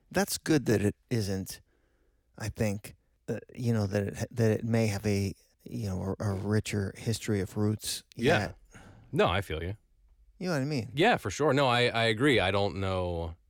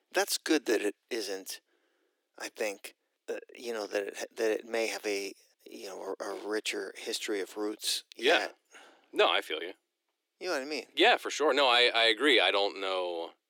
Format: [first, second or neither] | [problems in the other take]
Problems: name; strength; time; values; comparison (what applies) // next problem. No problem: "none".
first | thin; very; fading below 300 Hz